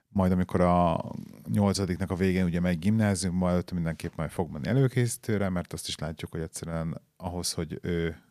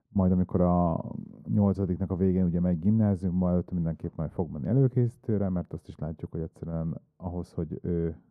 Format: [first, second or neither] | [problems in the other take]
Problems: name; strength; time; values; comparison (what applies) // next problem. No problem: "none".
first | muffled; very; fading above 1 kHz